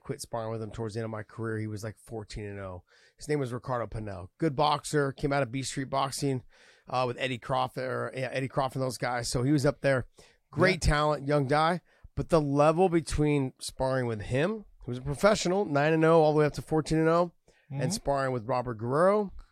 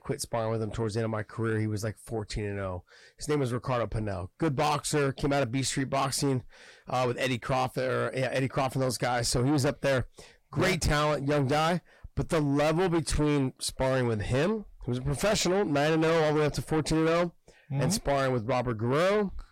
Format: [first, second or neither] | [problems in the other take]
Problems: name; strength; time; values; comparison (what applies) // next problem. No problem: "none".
first | distortion; heavy; 6 dB below the speech